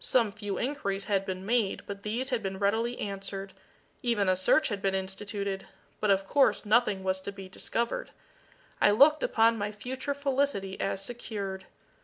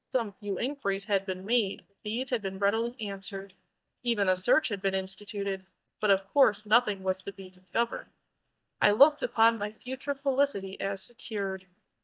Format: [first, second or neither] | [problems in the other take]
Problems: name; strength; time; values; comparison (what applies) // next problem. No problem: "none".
first | noise reduction (neural mask model DeepFilterNet 3)